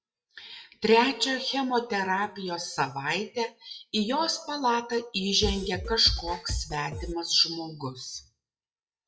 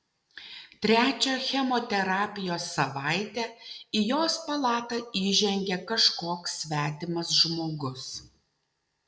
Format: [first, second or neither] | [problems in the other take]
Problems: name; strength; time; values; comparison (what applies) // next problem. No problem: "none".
second | noise reduction (classical method WPE with log-MMSE)